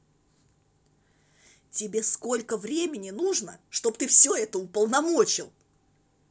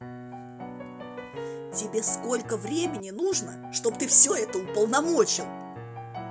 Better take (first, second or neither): first